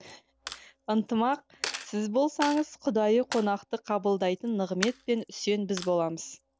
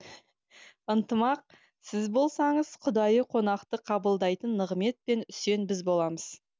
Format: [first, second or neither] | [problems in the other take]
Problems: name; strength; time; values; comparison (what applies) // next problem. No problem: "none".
second | background sound (Coin (dropping)); 14 dB below the speech